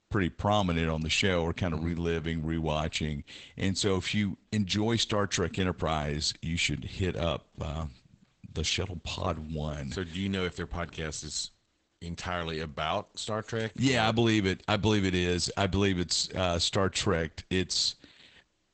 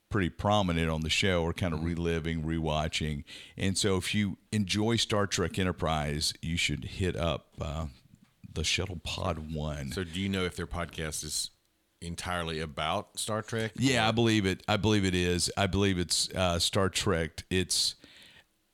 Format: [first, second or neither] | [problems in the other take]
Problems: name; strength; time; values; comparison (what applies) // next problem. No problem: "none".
second | garbled, watery; badly; nothing above 8 kHz